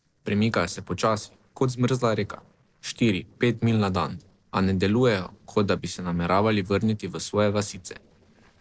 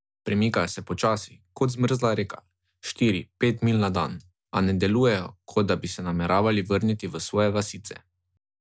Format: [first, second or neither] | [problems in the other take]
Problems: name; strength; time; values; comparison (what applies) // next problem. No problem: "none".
second | noise reduction (neural separator model SepFormer DNS4)